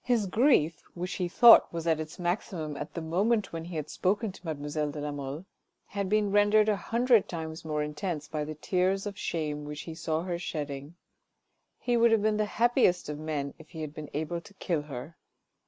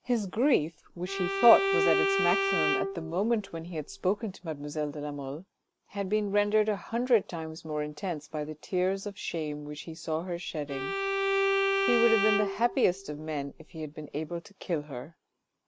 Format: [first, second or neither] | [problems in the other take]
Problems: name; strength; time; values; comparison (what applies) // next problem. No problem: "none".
first | background sound (Bowed string instrument); 1 dB below the speech